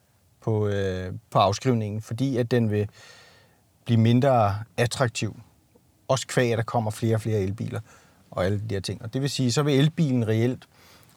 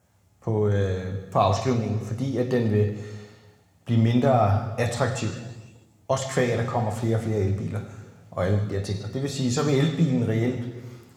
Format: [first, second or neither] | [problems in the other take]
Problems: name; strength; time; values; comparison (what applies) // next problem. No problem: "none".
first | room echo; noticeable; dies away in 1.3 s // off-mic speech; somewhat distant